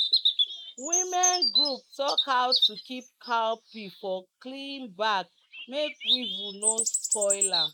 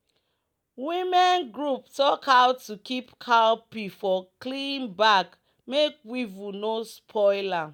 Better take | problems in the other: second | noise reduction (neural mask model Resemble Enhance denoiser)

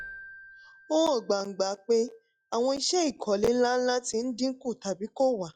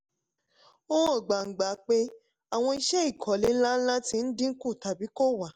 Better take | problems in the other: second | noise reduction (classical method log-MMSE)

